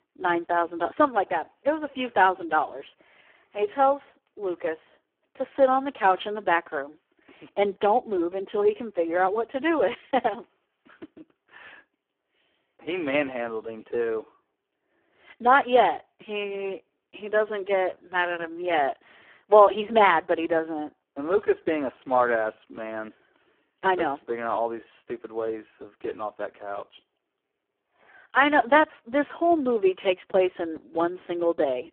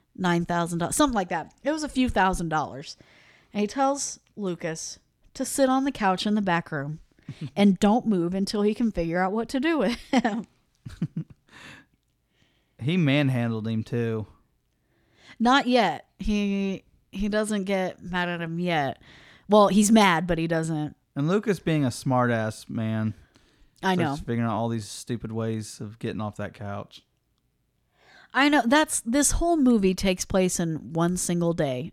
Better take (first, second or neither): second